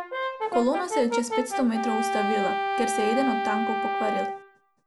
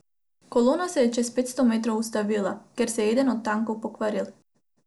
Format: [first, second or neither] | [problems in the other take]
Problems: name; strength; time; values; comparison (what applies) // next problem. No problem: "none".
second | background sound (Brass instrument); as loud as the speech